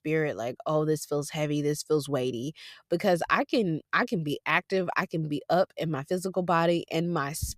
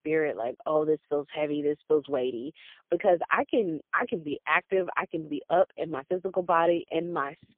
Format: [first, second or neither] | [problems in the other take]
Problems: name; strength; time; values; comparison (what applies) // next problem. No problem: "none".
first | phone-call audio; poor line